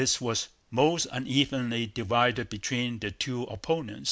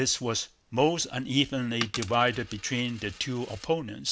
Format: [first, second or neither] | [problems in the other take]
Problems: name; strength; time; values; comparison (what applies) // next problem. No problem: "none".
first | background sound (Coin (dropping)); 16 dB below the speech